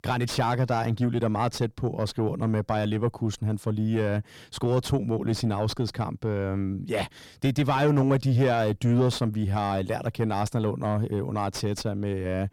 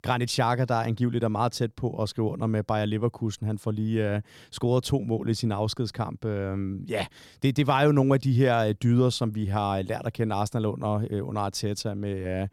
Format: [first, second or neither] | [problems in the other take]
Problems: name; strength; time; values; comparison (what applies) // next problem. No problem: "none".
second | distortion; slight; 10 dB below the speech